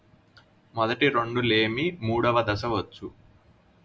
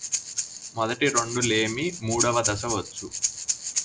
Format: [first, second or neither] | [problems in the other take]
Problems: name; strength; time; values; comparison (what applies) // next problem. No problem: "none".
first | background sound (Breathing); 3 dB below the speech